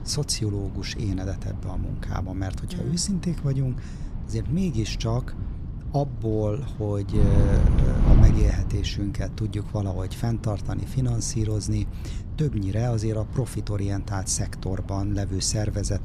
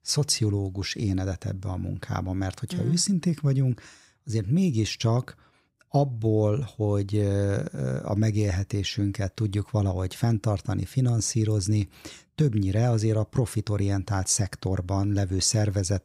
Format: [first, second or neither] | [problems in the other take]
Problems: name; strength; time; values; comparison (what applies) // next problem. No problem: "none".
second | wind noise on the microphone; heavy; 9 dB below the speech